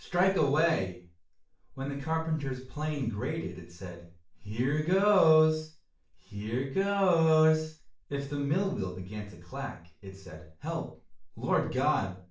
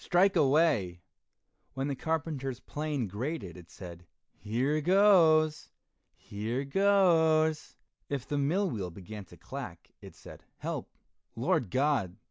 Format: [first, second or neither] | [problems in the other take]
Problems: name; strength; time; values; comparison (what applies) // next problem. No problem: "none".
second | room echo; dies away in 0.4 s